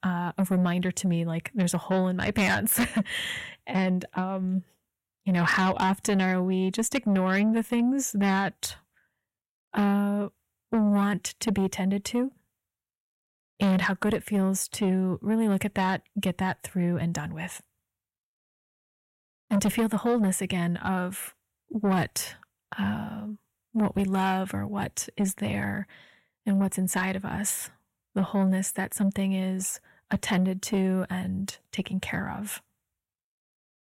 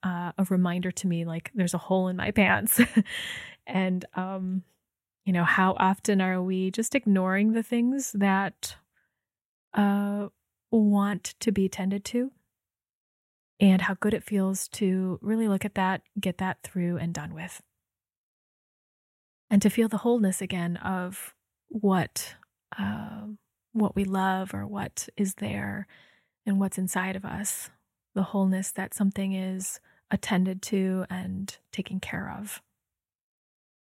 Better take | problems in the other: second | distortion; slight; 10 dB below the speech

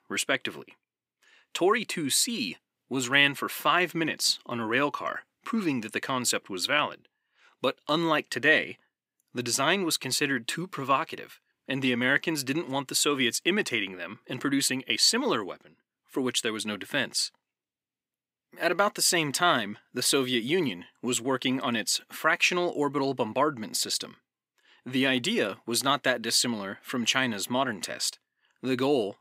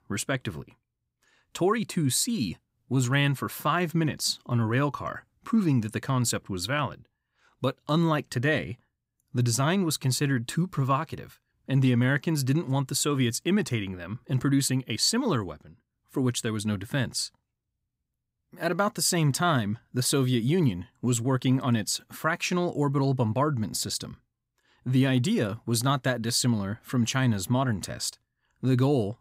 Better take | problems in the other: second | thin; somewhat; fading below 350 Hz

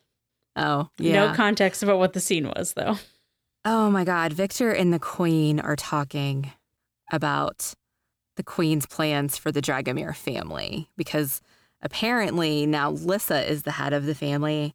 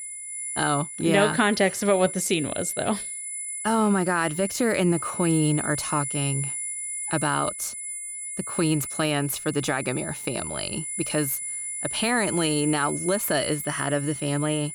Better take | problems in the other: first | high-pitched whine; loud; throughout; 10 kHz, 5 dB below the speech

